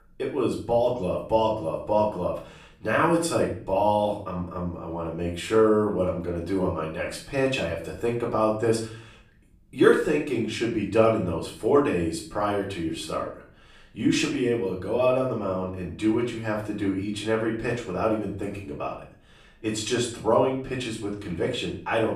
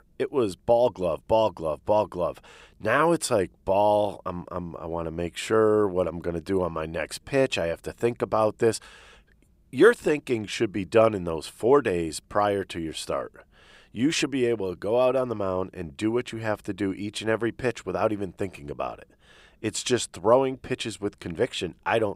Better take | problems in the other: second | off-mic speech; far // room echo; slight; dies away in 0.5 s

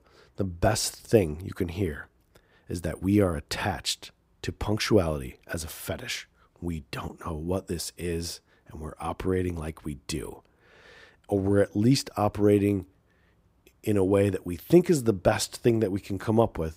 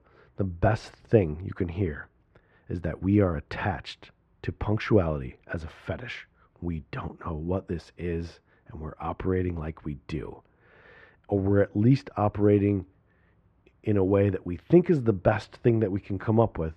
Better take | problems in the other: first | muffled; very; fading above 2 kHz

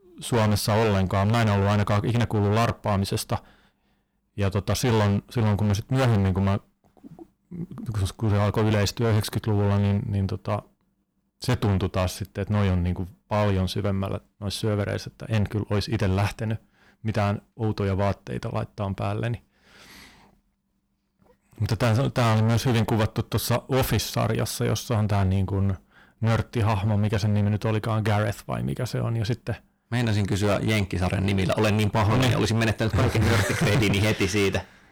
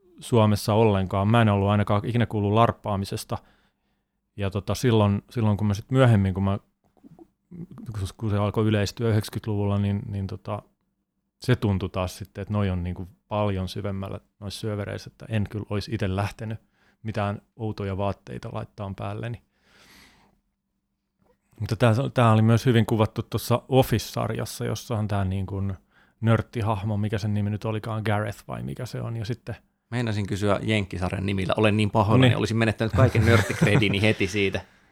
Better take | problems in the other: second | distortion; heavy; 16% of the sound clipped

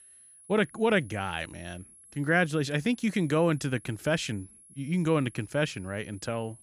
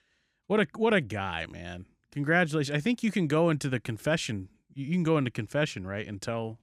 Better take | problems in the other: second | high-pitched whine; faint; throughout; 11 kHz, 25 dB below the speech

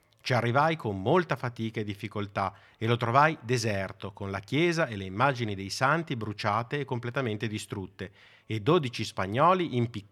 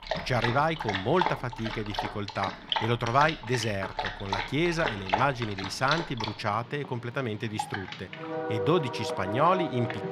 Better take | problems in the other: first | animal sounds; loud; throughout; 4 dB below the speech

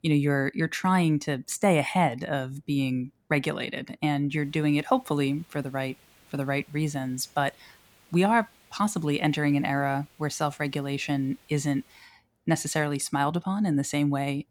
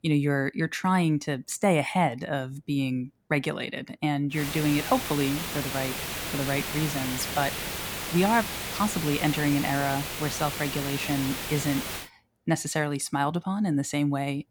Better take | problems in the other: first | hiss; loud; from 4.5 to 12 s; 4 dB below the speech; faint in the first

